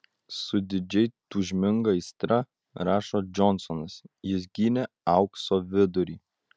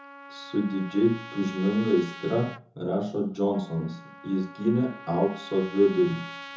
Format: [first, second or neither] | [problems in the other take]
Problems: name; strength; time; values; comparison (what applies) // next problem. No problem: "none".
first | background sound (Trumpet); 16 dB below the speech // room echo; dies away in 0.5 s